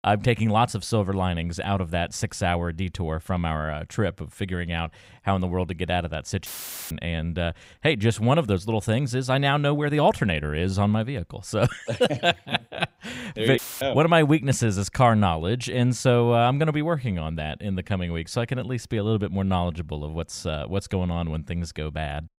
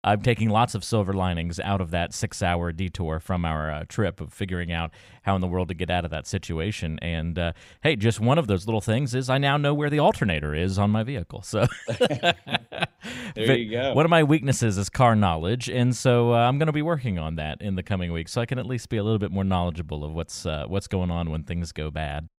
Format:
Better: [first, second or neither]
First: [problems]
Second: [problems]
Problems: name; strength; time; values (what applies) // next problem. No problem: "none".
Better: second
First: audio cutting out; filled with static; at 6.5 s and at 14 s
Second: none